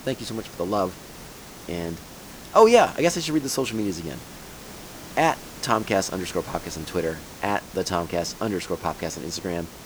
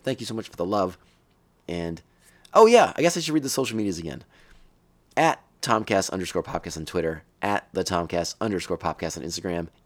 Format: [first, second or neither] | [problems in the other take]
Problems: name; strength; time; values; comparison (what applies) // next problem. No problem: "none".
second | hiss; noticeable; throughout; 15 dB below the speech